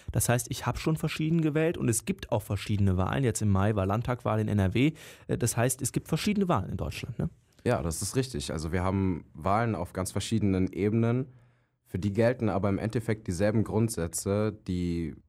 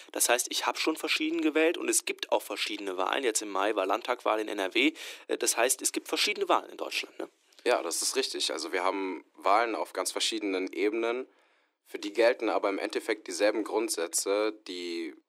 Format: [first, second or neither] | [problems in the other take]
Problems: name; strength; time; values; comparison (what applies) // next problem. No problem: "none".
first | thin; very; fading below 300 Hz